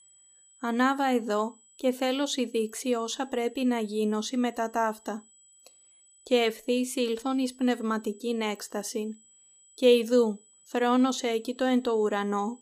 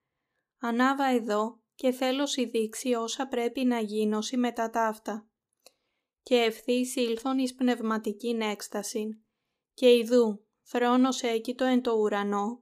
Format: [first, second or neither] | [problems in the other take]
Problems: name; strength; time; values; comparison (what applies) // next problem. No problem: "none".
second | high-pitched whine; faint; throughout; 8 kHz, 30 dB below the speech